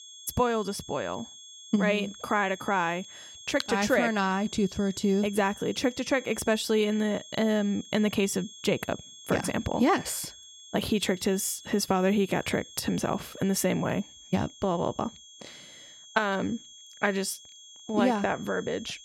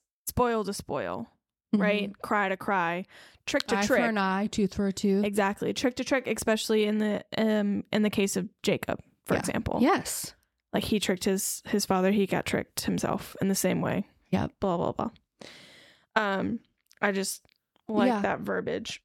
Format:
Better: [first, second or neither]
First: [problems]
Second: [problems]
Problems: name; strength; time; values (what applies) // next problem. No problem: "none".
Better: second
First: high-pitched whine; noticeable; throughout; 3.5 kHz, 15 dB below the speech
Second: none